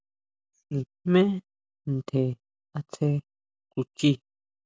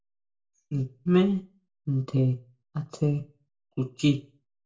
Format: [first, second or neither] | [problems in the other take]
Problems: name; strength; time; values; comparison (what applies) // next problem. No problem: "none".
first | room echo; dies away in 0.2 s